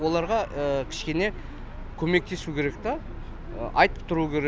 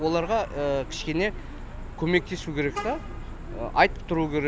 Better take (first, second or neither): first